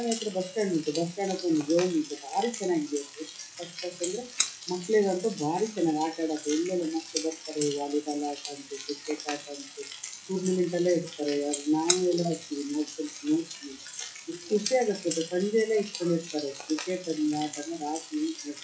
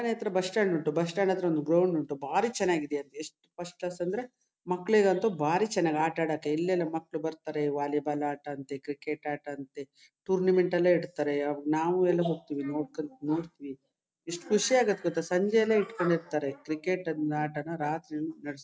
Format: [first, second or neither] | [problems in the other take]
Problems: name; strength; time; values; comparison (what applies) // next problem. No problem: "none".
second | noise reduction (classical method WPE with log-MMSE)